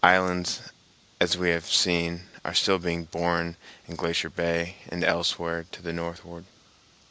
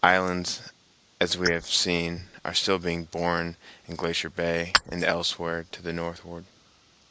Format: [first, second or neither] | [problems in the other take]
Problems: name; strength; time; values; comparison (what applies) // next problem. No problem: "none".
first | noise reduction (neural mask model Resemble Enhance denoiser)